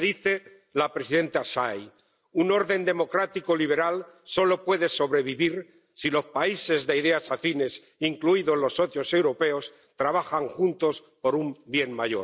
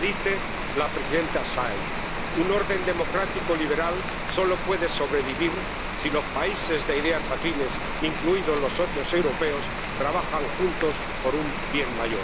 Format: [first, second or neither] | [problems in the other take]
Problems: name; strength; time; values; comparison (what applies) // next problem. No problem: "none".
first | background sound (Rain); 2 dB below the speech